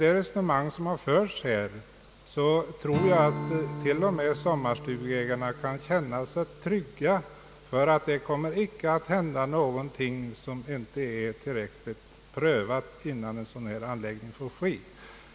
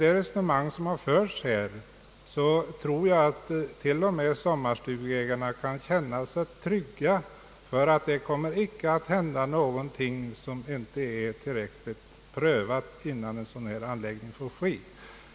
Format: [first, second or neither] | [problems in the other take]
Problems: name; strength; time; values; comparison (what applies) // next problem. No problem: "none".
second | background sound (Strum); 14 dB below the speech